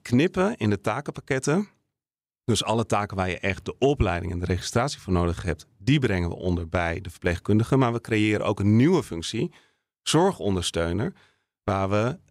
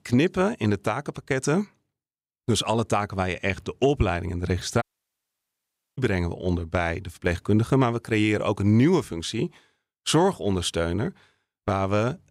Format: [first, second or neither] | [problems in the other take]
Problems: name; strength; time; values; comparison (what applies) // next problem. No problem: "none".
first | audio cutting out; at 5 s for 1 s